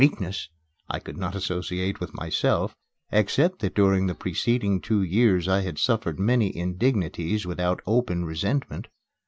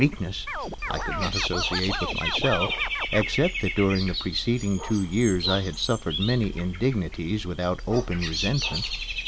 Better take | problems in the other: first | background sound (Scratching (performance technique) + Bird / Dog); 4 dB below the speech

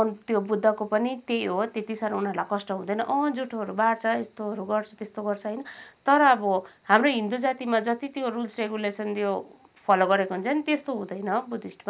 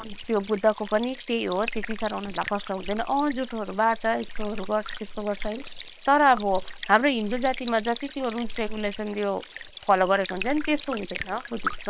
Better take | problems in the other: first | noise reduction (neural separator model SepFormer WHAM!)

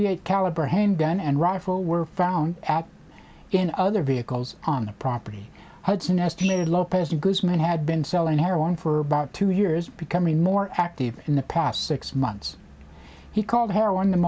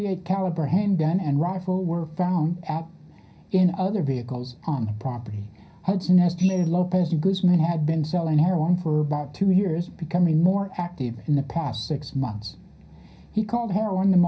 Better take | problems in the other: first | room echo; dies away in 0.5 s

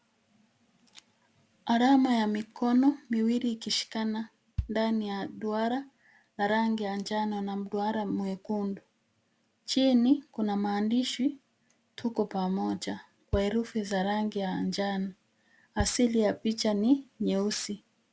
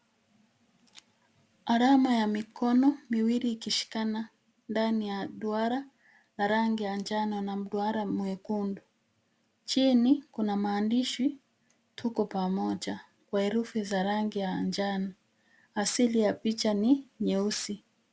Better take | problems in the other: second | background sound (Bass drum); 13 dB below the speech

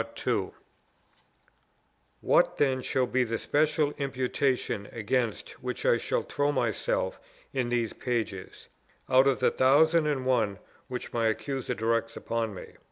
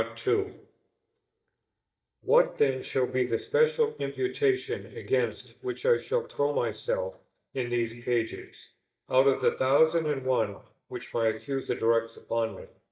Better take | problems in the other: first | noise reduction (neural mask model DeepFilterNet 3)

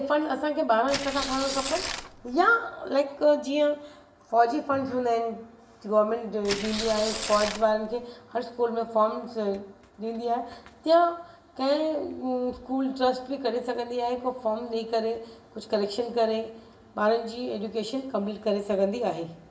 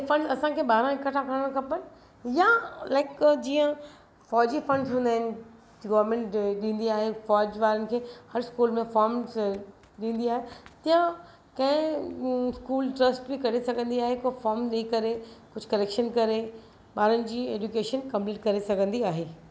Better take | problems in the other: second | background sound (Tearing); 7 dB below the speech // room echo; dies away in 0.7 s

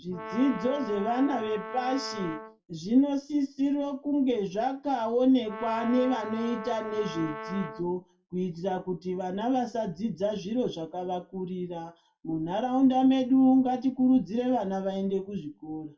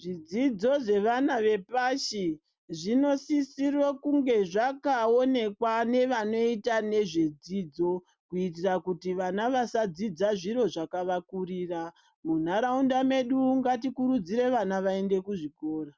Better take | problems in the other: second | background sound (Brass instrument); 11 dB below the speech // room echo; dies away in 0.2 s

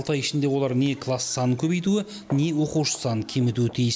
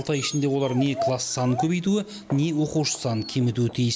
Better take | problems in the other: first | background sound (Dog); 12 dB below the speech

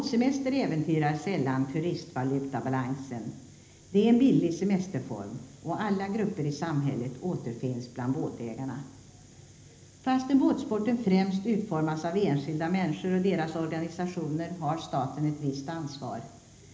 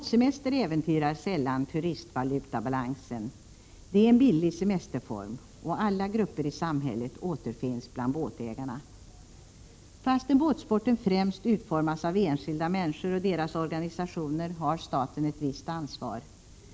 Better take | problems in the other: second | room echo; dies away in 0.8 s

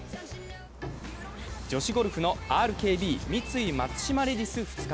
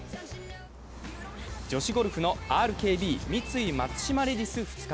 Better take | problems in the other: second | background sound (Bowed string instrument); 18 dB below the speech

